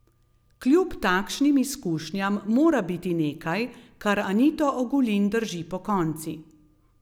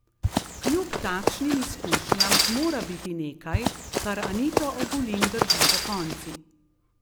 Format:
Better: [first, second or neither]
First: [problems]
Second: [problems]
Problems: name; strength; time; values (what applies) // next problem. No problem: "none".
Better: first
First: none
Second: background sound (Run); 4 dB above the speech